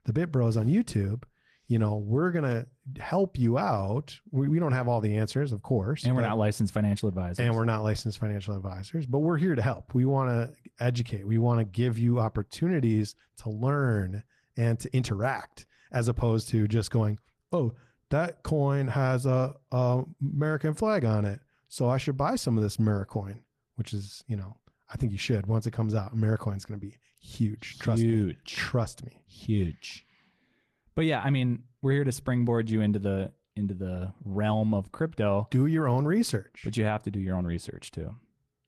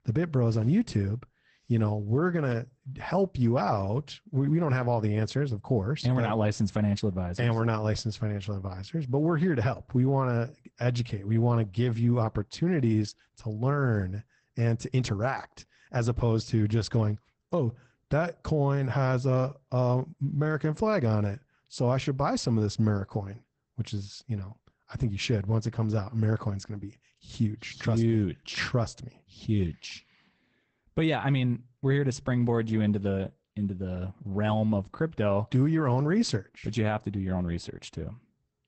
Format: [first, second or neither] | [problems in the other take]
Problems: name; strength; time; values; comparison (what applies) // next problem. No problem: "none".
first | garbled, watery; badly; nothing above 8 kHz; slightly in the first